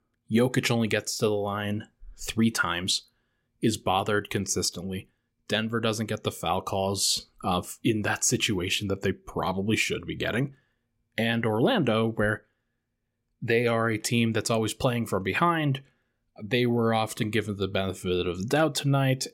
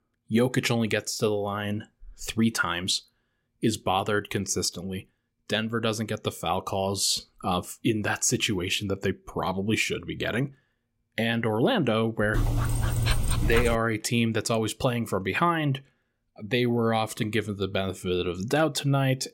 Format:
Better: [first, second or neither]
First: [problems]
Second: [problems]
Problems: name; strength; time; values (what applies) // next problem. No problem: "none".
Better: first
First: none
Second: dog barking; loud; from 12 to 14 s; peak level with the speech